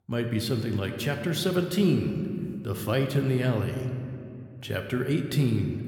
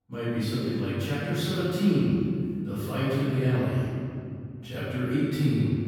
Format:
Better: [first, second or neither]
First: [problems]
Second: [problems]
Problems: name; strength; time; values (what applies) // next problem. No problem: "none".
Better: first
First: room echo; slight; dies away in 2 s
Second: room echo; strong; dies away in 2.4 s // off-mic speech; far